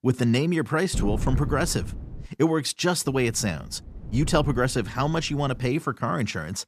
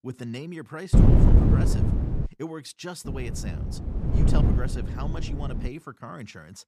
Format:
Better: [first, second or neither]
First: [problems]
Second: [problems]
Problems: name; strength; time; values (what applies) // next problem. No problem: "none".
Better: first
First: wind noise on the microphone; occasional gusts; from 1 to 2.5 s and from 3 to 5.5 s; 20 dB below the speech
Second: wind noise on the microphone; heavy; from 1 to 2.5 s and from 3 to 5.5 s; 4 dB above the speech